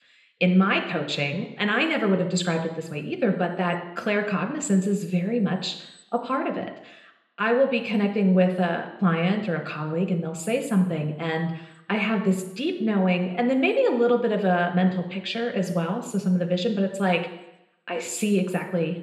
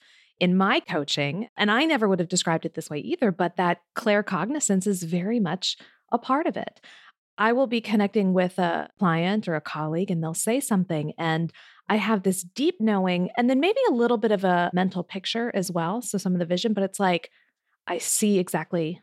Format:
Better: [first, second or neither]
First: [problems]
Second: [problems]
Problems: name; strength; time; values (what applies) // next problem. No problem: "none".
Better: second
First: room echo; slight; dies away in 0.8 s // off-mic speech; somewhat distant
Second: none